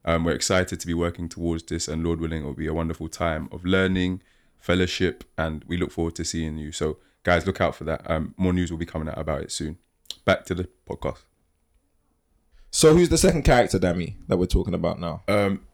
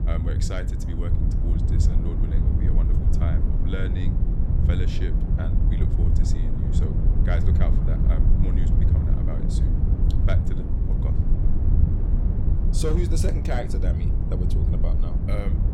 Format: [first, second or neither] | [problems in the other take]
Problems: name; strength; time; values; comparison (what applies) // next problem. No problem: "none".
first | low rumble; loud; throughout; as loud as the speech